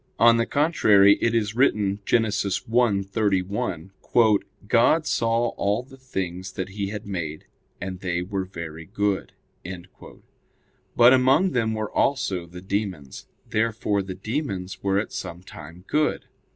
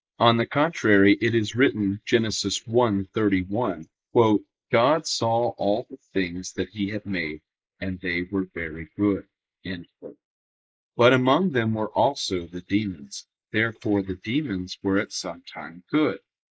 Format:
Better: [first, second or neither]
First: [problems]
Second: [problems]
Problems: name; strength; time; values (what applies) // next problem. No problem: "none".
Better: first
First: none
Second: noise reduction (neural mask model Resemble Enhance denoiser)